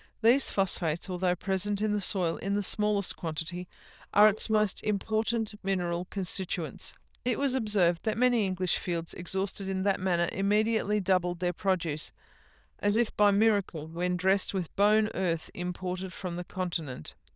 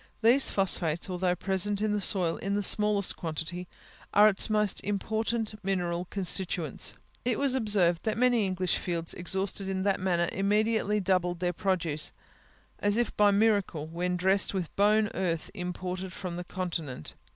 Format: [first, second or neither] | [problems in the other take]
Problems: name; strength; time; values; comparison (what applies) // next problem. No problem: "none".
second | noise reduction (neural diffusion model UNIVERSE++)